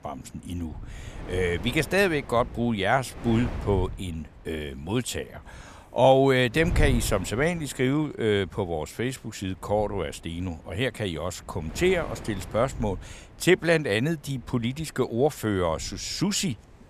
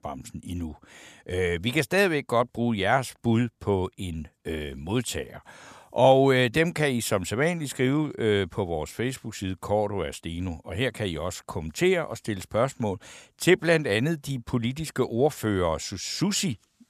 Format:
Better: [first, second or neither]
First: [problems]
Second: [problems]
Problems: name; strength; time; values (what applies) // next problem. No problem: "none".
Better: second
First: wind noise on the microphone; occasional gusts; 20 dB below the speech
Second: none